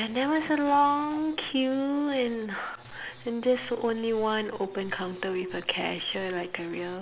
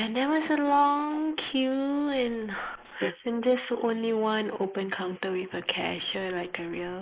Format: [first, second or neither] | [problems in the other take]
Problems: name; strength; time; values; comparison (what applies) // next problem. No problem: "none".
first | noise reduction (neural mask model Resemble Enhance denoiser)